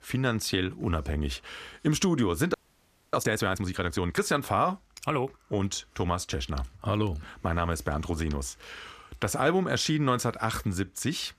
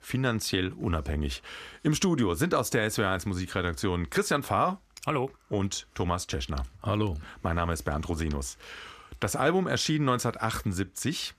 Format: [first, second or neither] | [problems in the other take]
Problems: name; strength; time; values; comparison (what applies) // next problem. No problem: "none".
second | audio freezing; at 2.5 s for 0.5 s